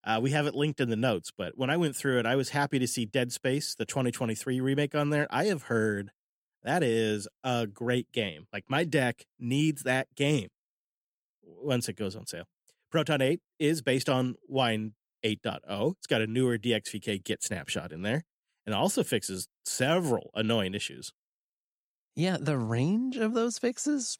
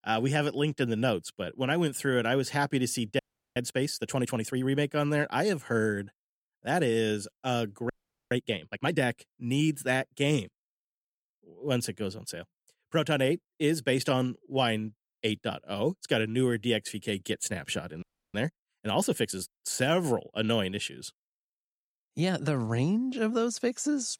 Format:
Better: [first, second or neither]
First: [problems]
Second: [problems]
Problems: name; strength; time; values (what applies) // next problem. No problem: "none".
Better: first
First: none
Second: audio freezing; at 3 s, at 8 s and at 18 s